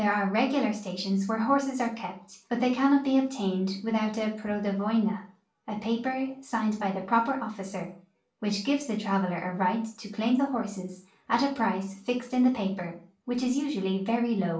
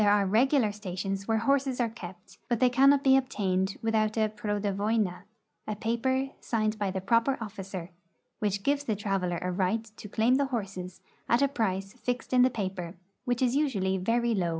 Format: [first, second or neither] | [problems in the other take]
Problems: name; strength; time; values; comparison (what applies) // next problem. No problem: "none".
second | room echo; dies away in 0.3 s